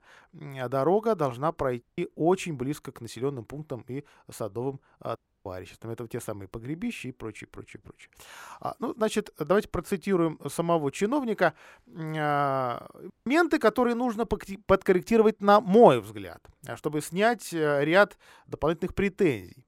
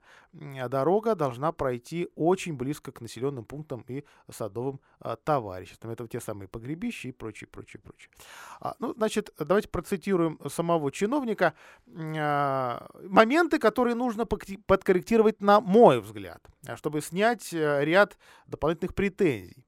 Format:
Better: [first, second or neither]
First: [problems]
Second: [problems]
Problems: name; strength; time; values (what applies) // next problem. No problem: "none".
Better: second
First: audio cutting out; at 2 s, at 5 s and at 13 s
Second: none